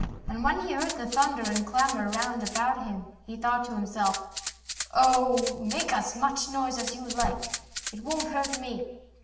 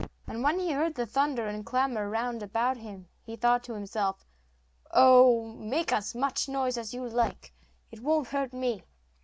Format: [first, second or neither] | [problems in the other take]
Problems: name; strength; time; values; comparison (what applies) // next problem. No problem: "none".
second | background sound (Rattle (instrument)); 9 dB below the speech // room echo; dies away in 0.9 s